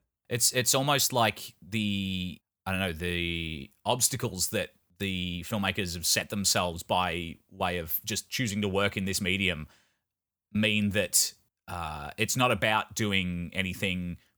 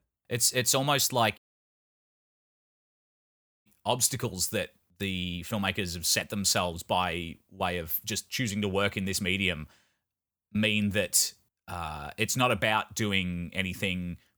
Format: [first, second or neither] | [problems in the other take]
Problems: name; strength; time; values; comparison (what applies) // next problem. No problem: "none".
first | audio cutting out; at 1.5 s for 2.5 s